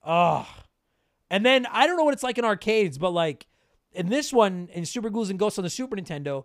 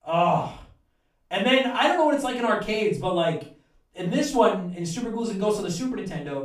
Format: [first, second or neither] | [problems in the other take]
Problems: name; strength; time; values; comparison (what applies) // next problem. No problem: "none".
first | room echo; slight; dies away in 0.3 s // off-mic speech; far